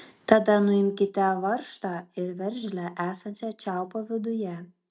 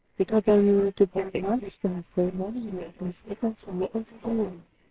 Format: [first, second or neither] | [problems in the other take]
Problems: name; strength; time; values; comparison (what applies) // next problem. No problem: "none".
first | noise reduction (neural separator model SepFormer WHAMR!)